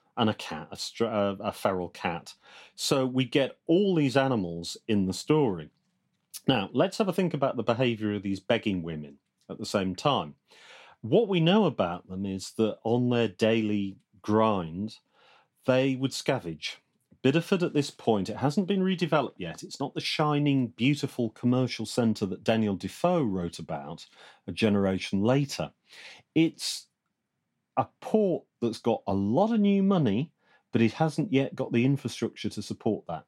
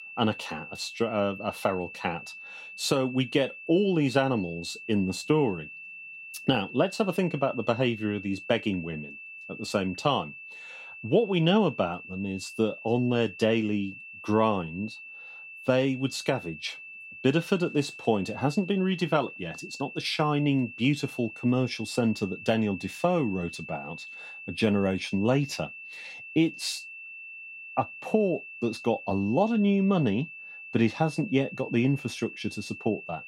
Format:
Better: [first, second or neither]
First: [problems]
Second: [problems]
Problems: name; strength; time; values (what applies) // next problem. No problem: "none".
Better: first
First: none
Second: high-pitched whine; noticeable; throughout; 2.5 kHz, 15 dB below the speech